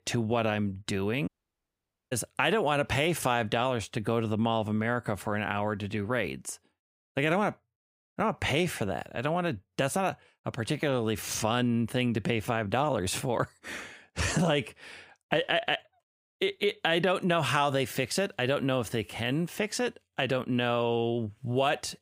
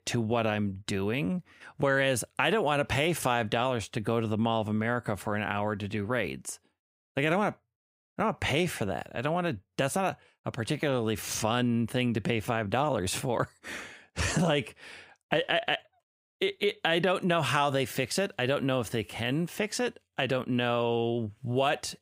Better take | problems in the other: second | audio cutting out; at 1.5 s for 1 s

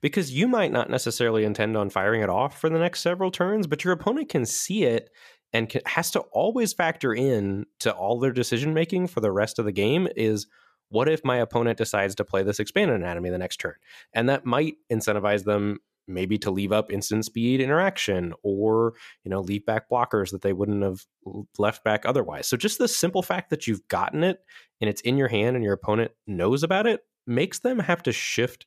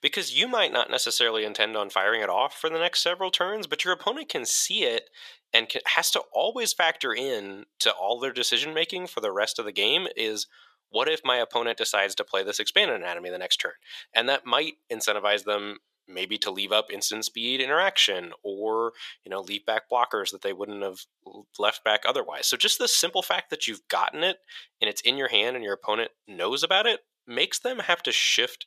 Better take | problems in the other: first | thin; very; fading below 600 Hz

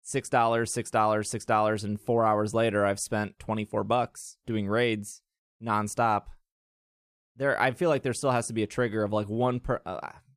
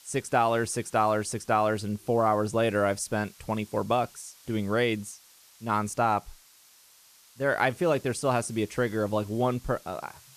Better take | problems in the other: first | hiss; faint; throughout; 25 dB below the speech

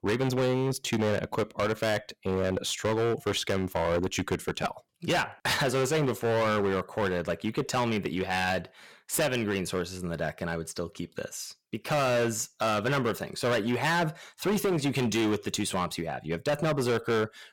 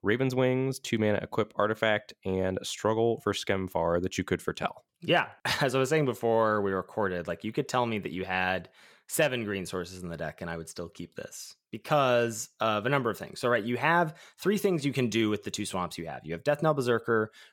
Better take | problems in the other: second | distortion; heavy; 16% of the sound clipped

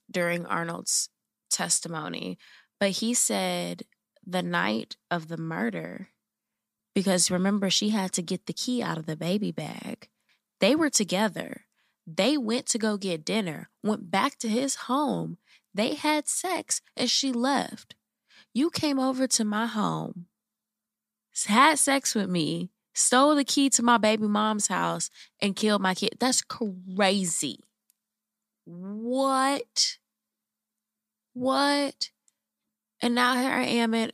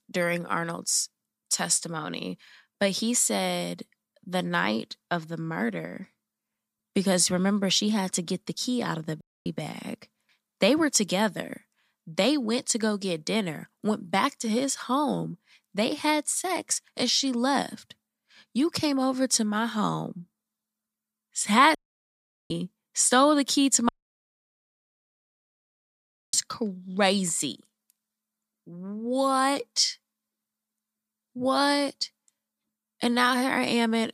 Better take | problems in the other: first | audio cutting out; at 9 s, at 22 s for 1 s and at 24 s for 2.5 s

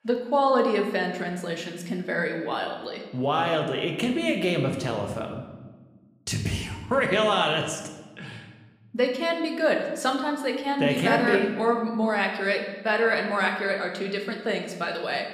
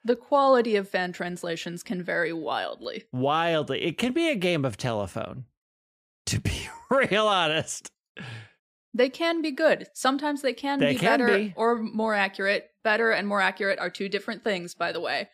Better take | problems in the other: second | room echo; slight; dies away in 1 s

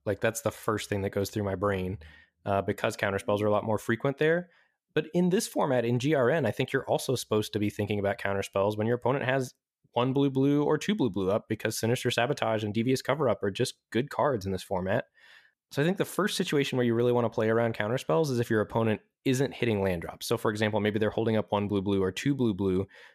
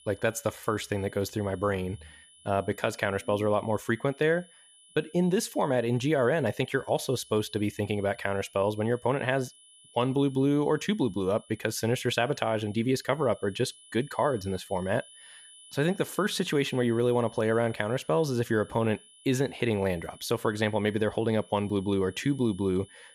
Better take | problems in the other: first | high-pitched whine; faint; throughout; 3 kHz, 25 dB below the speech

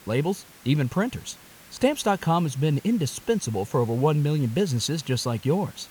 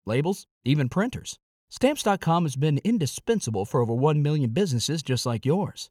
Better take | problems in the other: second | hiss; faint; throughout; 20 dB below the speech

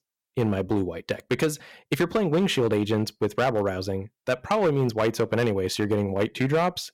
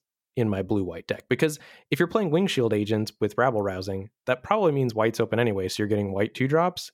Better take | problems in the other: second | distortion; slight; 7% of the sound clipped

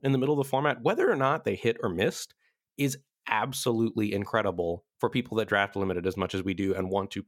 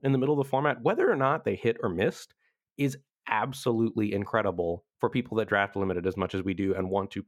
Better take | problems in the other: first | muffled; slightly; fading above 3 kHz

